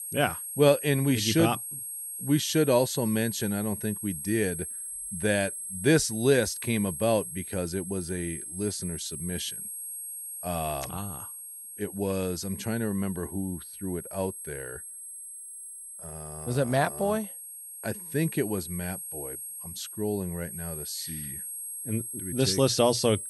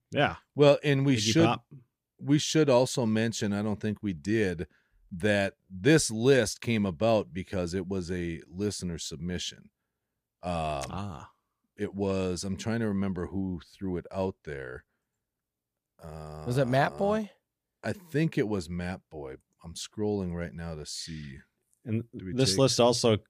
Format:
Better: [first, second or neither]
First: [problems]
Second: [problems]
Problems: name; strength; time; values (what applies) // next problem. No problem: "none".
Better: second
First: high-pitched whine; loud; throughout; 8.5 kHz, 7 dB below the speech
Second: none